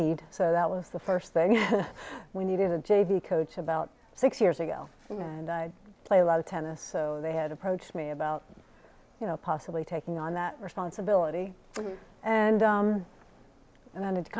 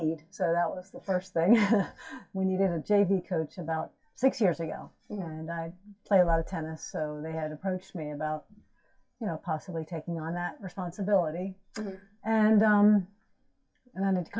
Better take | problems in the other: first | noise reduction (classical method WPE with log-MMSE)

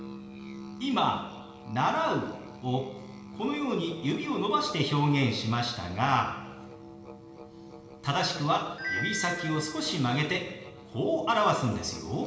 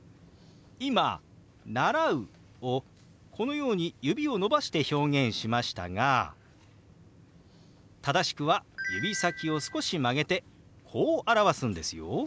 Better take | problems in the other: second | background sound (Musical instrument); 16 dB below the speech // room echo; dies away in 1.1 s

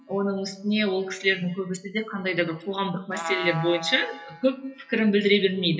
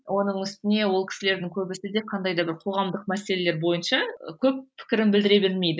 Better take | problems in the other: second | noise reduction (classical method WPE with log-MMSE)

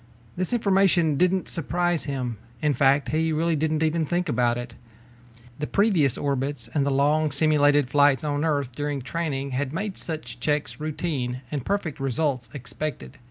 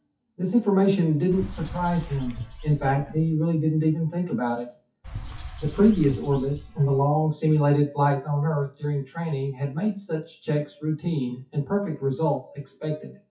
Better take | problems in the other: first | noise reduction (classical method WPE with log-MMSE)

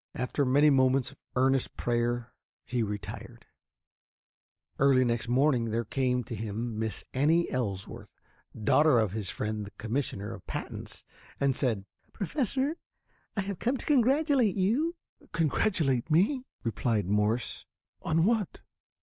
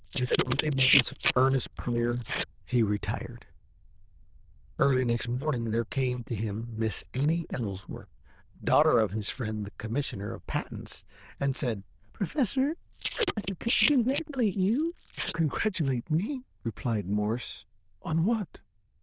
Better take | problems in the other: first | noise reduction (neural diffusion model UNIVERSE++)

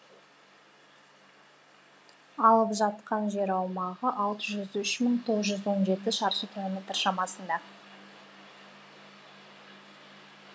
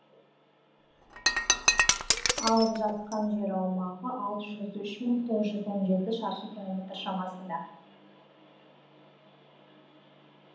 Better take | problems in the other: first | background sound (Shatter); 4 dB above the speech // room echo; dies away in 0.8 s

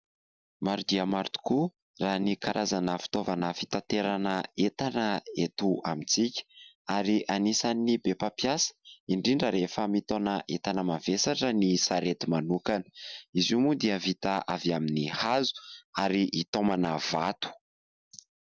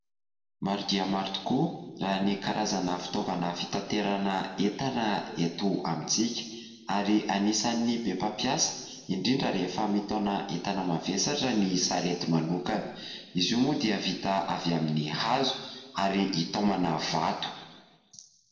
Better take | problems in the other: first | room echo; dies away in 1.2 s

